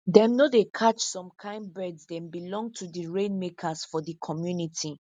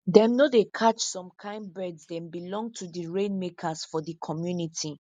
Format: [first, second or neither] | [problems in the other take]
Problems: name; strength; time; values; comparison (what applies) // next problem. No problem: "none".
first | noise reduction (neural mask model Resemble Enhance denoiser)